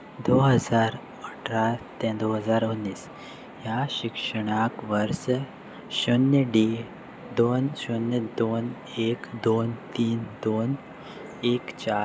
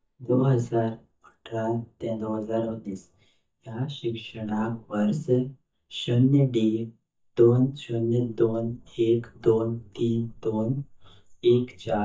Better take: first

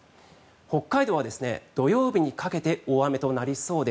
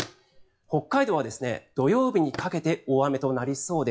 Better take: first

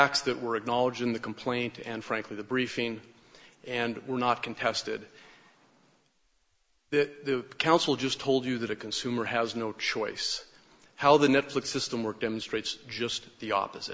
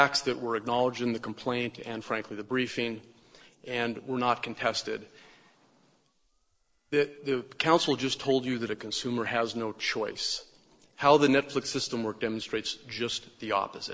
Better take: first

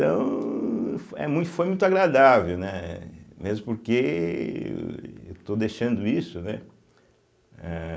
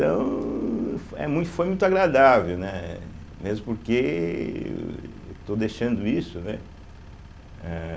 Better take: first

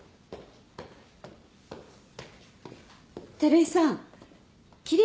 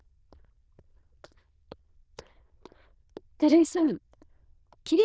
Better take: first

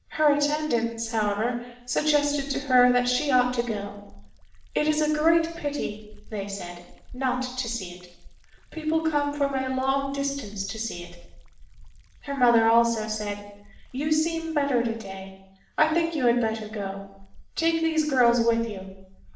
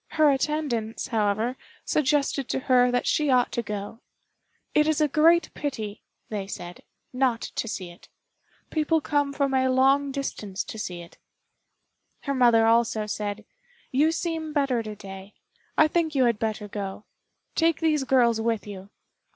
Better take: second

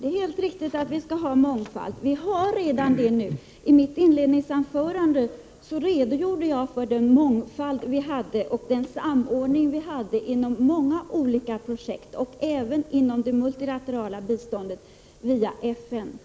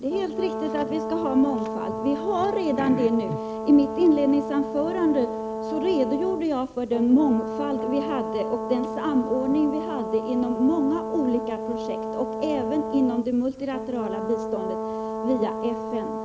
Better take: first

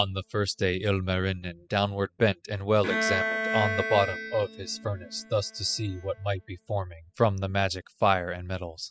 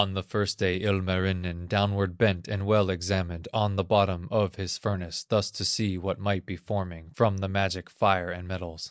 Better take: second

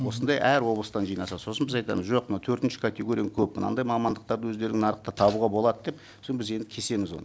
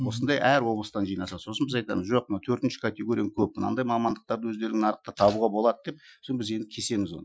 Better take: first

